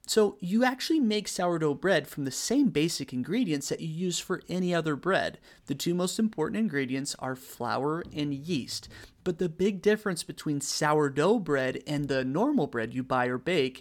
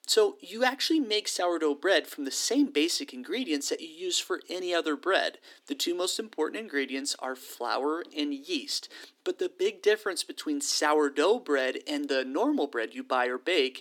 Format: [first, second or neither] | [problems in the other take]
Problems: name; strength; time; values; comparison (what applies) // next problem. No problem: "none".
first | thin; very slightly; fading below 300 Hz